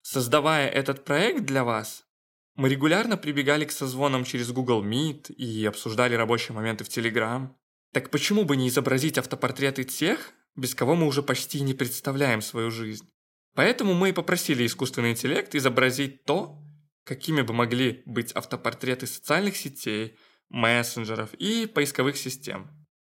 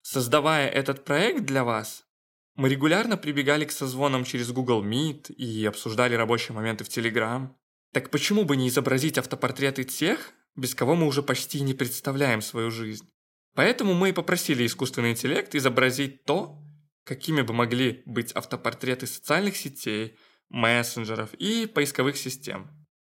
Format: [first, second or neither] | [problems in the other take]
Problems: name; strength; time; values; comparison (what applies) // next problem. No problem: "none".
neither | none